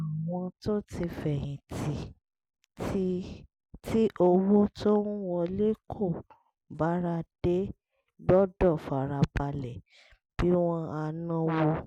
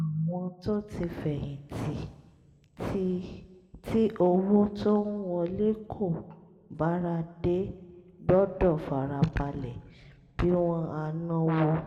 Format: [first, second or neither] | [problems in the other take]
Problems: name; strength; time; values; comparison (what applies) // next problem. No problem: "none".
first | room echo; dies away in 1.7 s